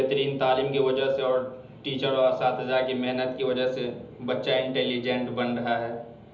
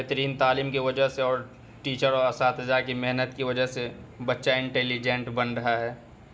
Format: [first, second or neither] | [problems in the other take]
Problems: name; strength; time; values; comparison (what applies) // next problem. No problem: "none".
second | room echo; dies away in 1.2 s